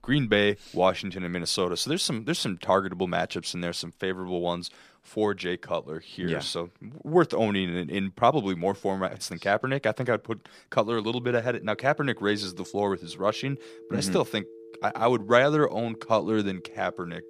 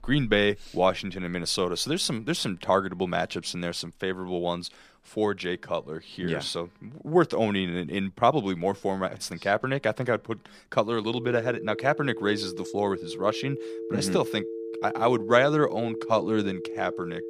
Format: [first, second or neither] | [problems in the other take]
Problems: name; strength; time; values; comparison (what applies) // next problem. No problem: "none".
first | alarms or sirens; loud; throughout; 9 dB below the speech; faint in the first